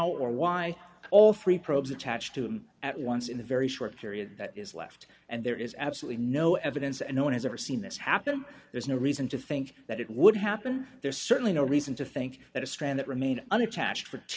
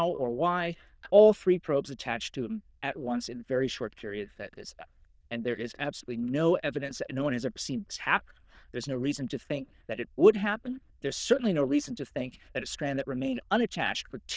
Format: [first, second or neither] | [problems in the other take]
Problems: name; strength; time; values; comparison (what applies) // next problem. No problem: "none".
first | noise reduction (neural diffusion model UNIVERSE++)